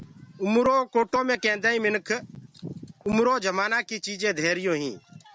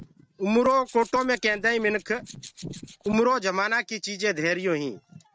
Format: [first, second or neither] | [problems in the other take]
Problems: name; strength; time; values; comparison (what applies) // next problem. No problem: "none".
first | noise reduction (neural mask model RNNoise)